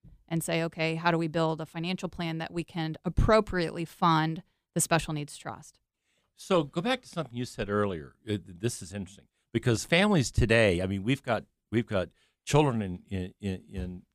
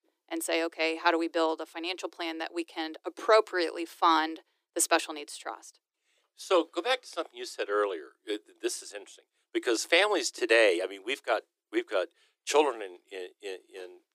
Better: first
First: none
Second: thin; very; fading below 350 Hz

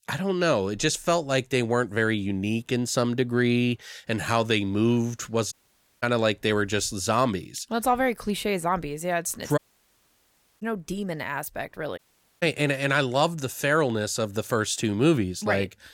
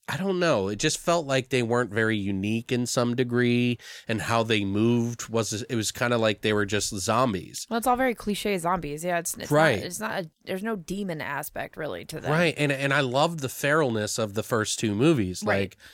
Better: second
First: audio cutting out; at 5.5 s for 0.5 s, at 9.5 s for 1 s and at 12 s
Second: none

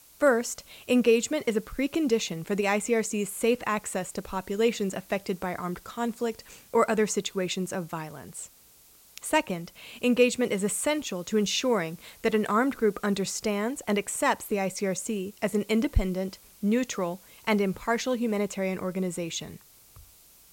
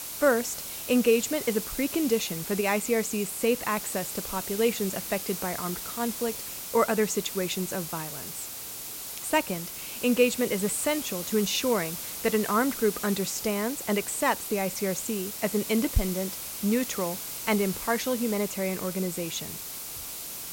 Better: first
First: hiss; faint; throughout; 25 dB below the speech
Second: hiss; loud; throughout; 6 dB below the speech

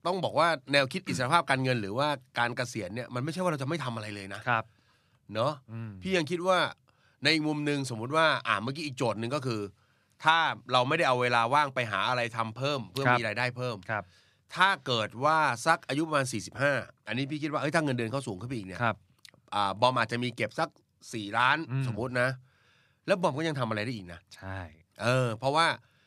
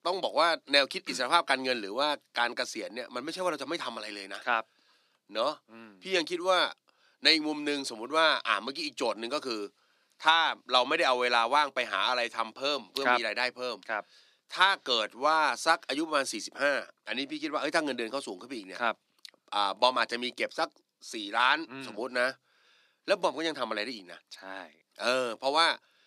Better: first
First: none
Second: thin; somewhat; fading below 250 Hz

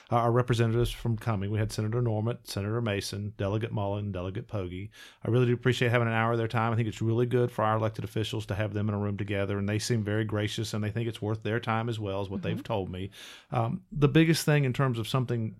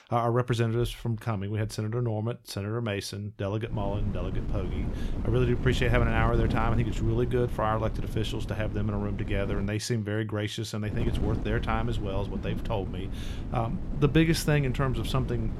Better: first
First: none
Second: wind noise on the microphone; occasional gusts; from 3.5 to 9.5 s and from 11 s on; 10 dB below the speech

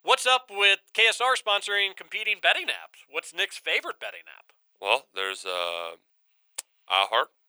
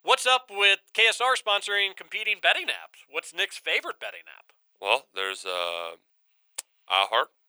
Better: neither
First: thin; very; fading below 550 Hz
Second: thin; very; fading below 550 Hz

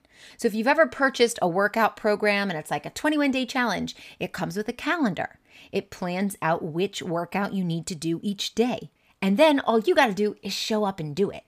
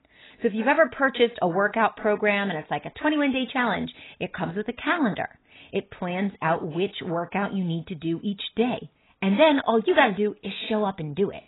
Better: first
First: none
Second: garbled, watery; badly; nothing above 4 kHz

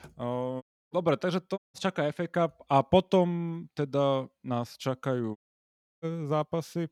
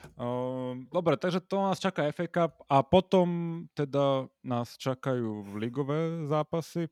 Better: second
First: audio cutting out; at 0.5 s, at 1.5 s and at 5.5 s for 0.5 s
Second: none

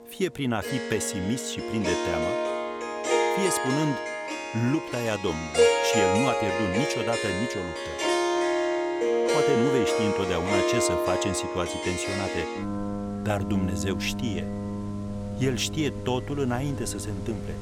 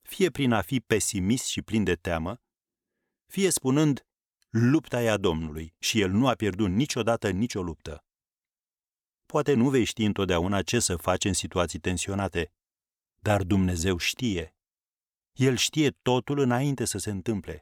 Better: second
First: background music; very loud; throughout; 1 dB above the speech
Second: none

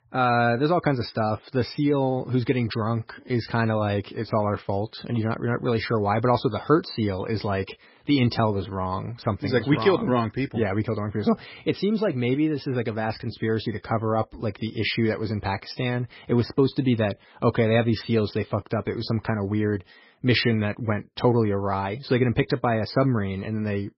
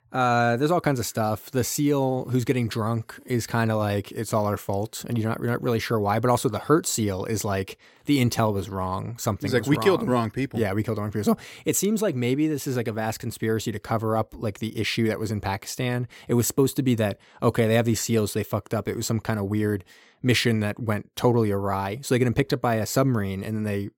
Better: second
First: garbled, watery; badly; nothing above 5.5 kHz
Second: none

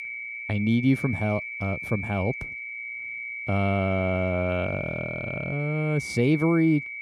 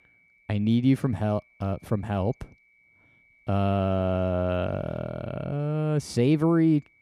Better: second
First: high-pitched whine; loud; throughout; 2.5 kHz, 7 dB below the speech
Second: high-pitched whine; faint; throughout; 2.5 kHz, 35 dB below the speech

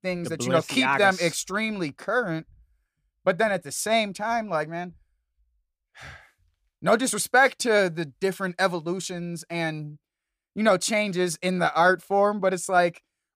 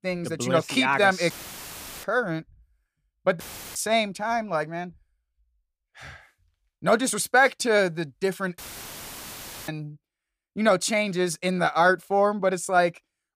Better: first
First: none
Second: audio cutting out; filled with static; at 1.5 s for 0.5 s, at 3.5 s and at 8.5 s for 1 s

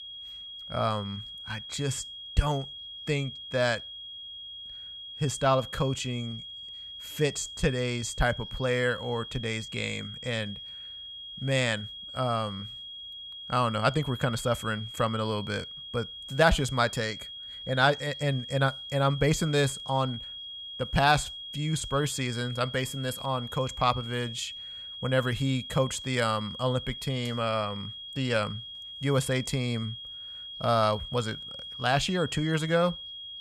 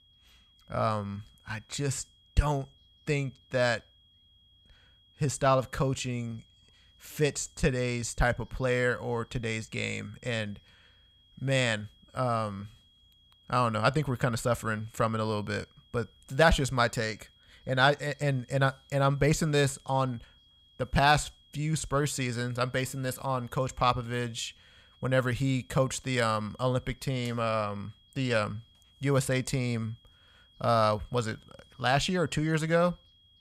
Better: second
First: high-pitched whine; loud; throughout; 3.5 kHz, 10 dB below the speech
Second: high-pitched whine; faint; throughout; 3.5 kHz, 30 dB below the speech

